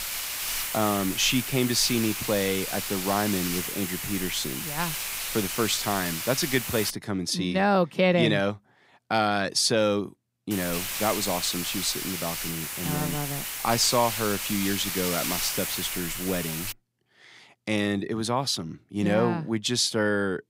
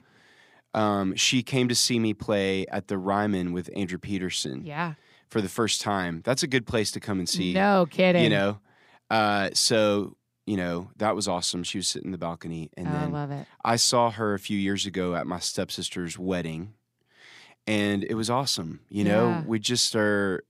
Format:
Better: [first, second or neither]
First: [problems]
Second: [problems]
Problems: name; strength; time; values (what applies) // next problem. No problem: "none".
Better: second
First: hiss; loud; until 7 s and from 11 to 17 s; 3 dB below the speech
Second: none